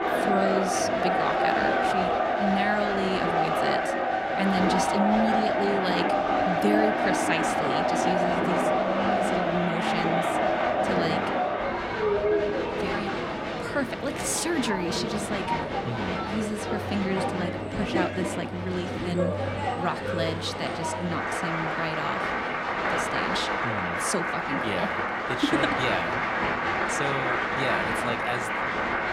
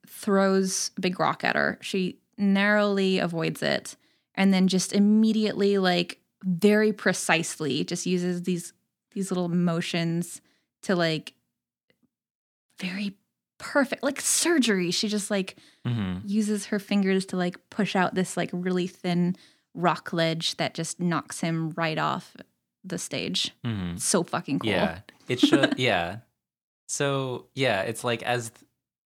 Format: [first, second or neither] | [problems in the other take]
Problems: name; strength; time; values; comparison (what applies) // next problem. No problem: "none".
second | crowd noise; very loud; throughout; 4 dB above the speech